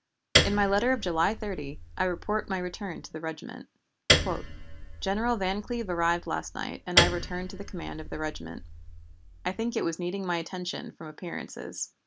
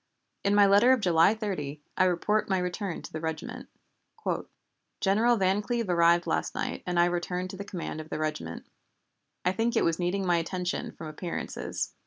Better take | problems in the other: second | background sound (Piano); as loud as the speech

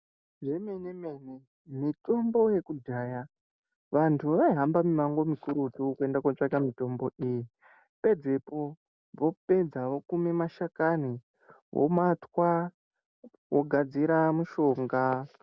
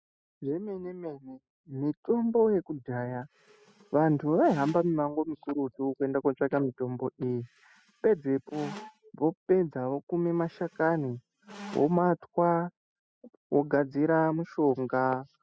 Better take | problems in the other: first | noise reduction (classical method spectral subtraction)

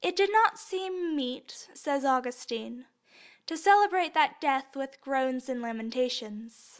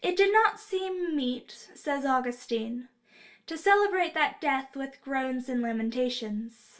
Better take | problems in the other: first | room echo; dies away in 0.2 s

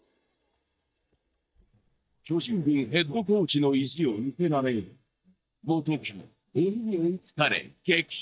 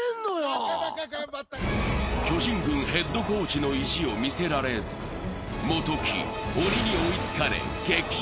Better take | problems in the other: second | noise reduction (neural mask model DeepFilterNet 3)

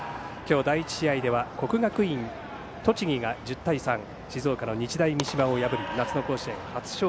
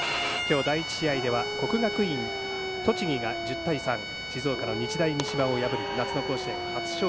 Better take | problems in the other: first | background sound (Bowed string instrument + Dog); 3 dB below the speech

